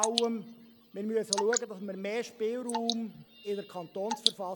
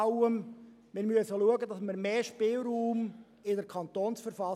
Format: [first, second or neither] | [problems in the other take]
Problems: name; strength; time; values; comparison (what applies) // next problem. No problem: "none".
second | background sound (Drip / Water); 3 dB below the speech